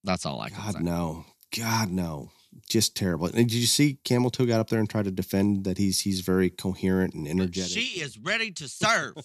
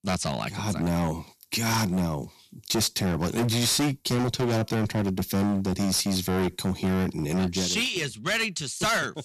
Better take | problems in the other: first | distortion; heavy; 19% of the sound clipped

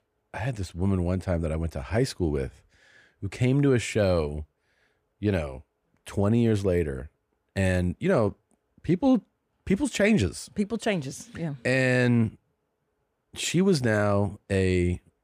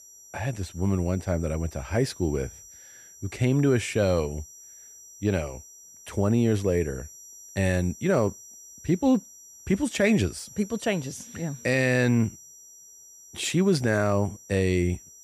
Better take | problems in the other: first | high-pitched whine; noticeable; throughout; 6 kHz, 20 dB below the speech

